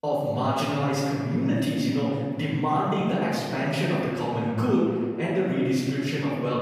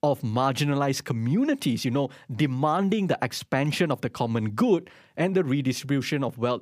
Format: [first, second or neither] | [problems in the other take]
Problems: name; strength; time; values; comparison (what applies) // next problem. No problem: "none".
second | off-mic speech; far // room echo; noticeable; dies away in 1.9 s